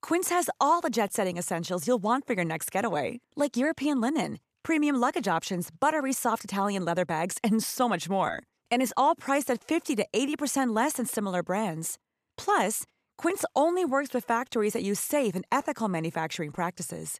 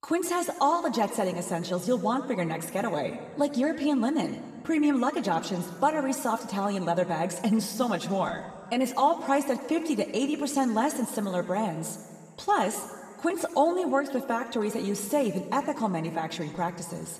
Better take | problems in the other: first | room echo; slight; dies away in 1.8 s

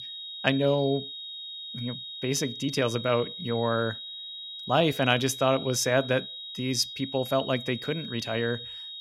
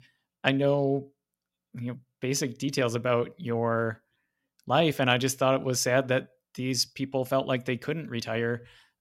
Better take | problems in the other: second | high-pitched whine; loud; throughout; 4 kHz, 9 dB below the speech

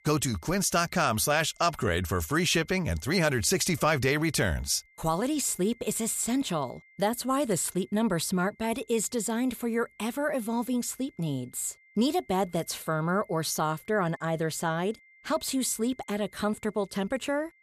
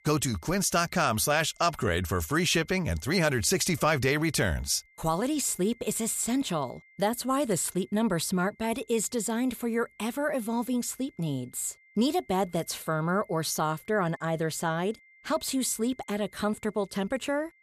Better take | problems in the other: neither | high-pitched whine; faint; throughout; 2 kHz, 30 dB below the speech; the same in both

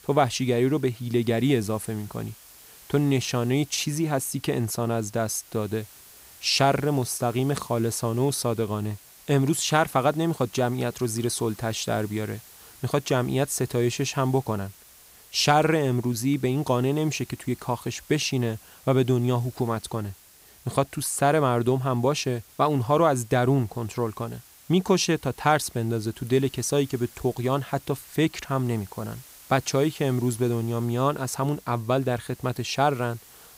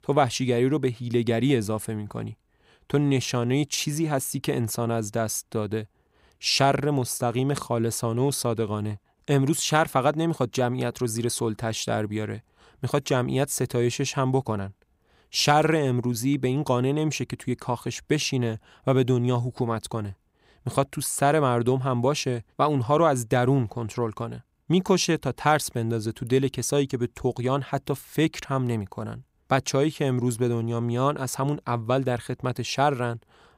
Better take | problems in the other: second | hiss; faint; throughout; 20 dB below the speech

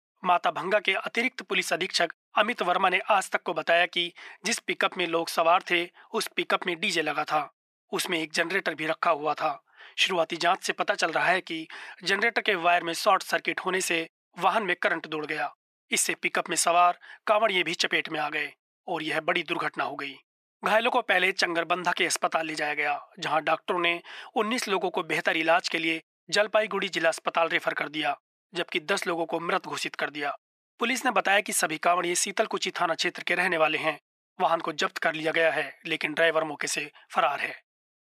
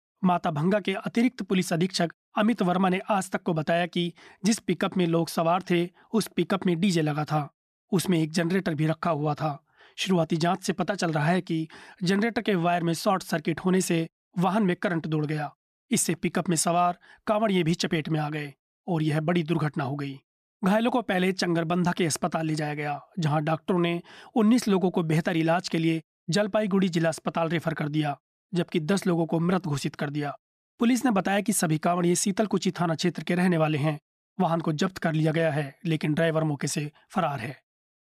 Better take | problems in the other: second | thin; very; fading below 500 Hz

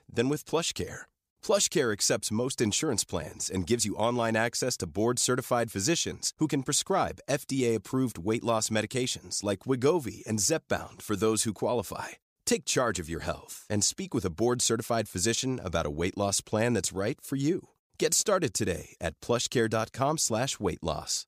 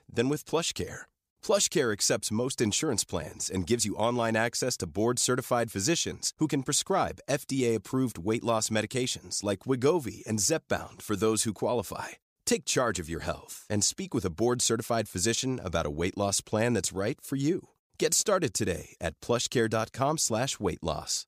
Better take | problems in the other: neither | none

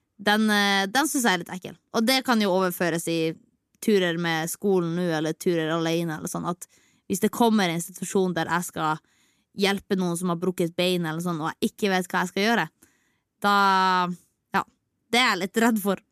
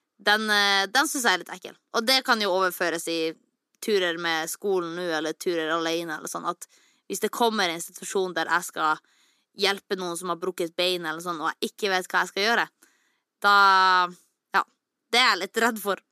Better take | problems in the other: first | thin; somewhat; fading below 400 Hz

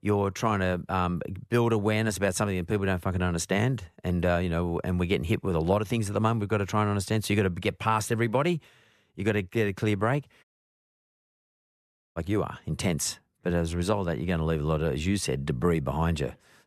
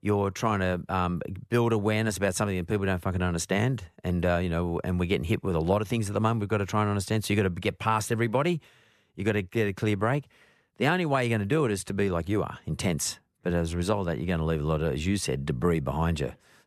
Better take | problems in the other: second | audio cutting out; at 10 s for 1.5 s

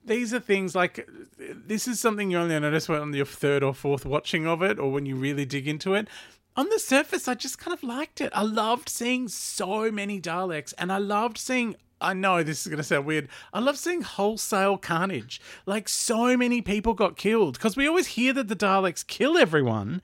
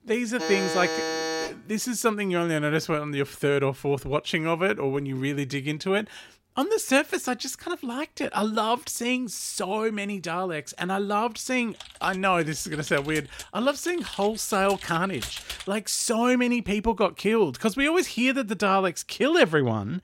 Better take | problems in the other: first | alarm; noticeable; until 1.5 s; peak 2 dB below the speech // keyboard typing; noticeable; from 12 to 16 s; peak 8 dB below the speech

